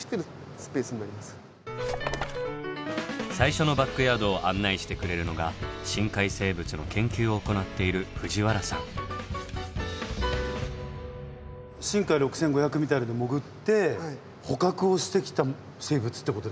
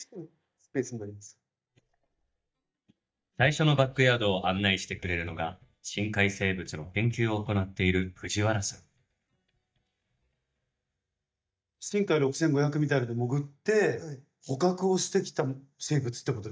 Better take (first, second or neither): first